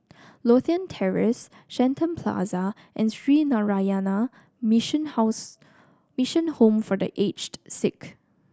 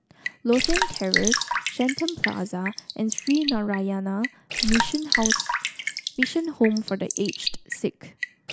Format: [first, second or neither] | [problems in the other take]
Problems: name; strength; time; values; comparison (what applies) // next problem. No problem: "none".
first | background sound (Raindrop / Drip); 2 dB below the speech